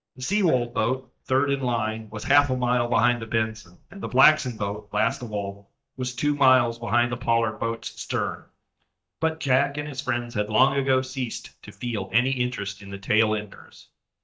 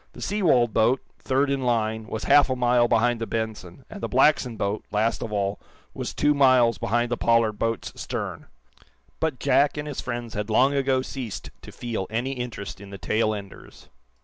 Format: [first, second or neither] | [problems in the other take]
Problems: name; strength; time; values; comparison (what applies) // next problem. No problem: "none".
second | noise reduction (neural mask model DeepFilterNet 3)